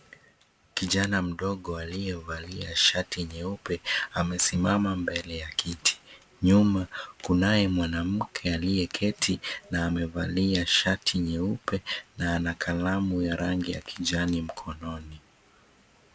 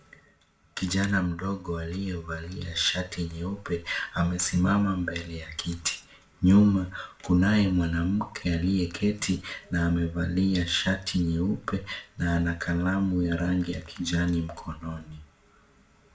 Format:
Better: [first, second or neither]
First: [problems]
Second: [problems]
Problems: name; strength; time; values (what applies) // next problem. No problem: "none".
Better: first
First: none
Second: room echo; dies away in 0.4 s